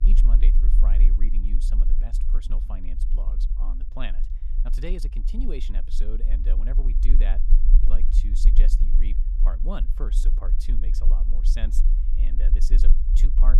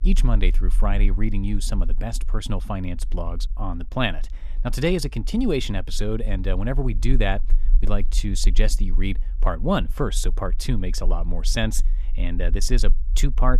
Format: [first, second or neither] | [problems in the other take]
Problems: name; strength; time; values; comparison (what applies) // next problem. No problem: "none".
second | low rumble; loud; throughout; 6 dB below the speech; faint in the second